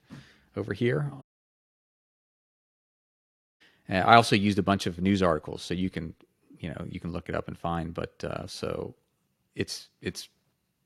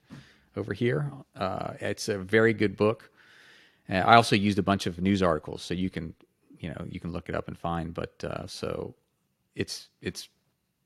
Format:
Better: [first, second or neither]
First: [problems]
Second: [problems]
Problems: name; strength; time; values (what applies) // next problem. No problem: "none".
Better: second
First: audio cutting out; at 1 s for 2.5 s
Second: none